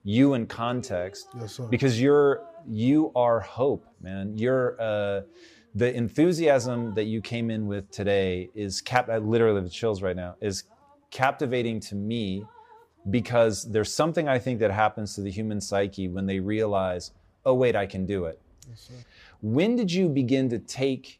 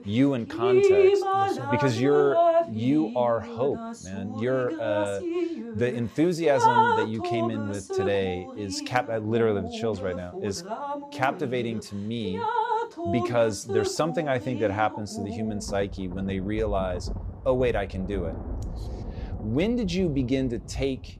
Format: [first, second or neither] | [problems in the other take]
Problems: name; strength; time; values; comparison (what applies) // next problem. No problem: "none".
first | rain or running water; loud; throughout; 1 dB below the speech; faint in the first